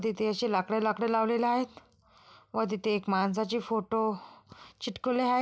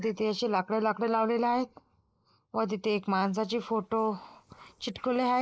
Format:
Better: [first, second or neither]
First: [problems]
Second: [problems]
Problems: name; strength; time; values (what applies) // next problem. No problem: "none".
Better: first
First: none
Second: noise reduction (neural mask model Resemble Enhance denoiser)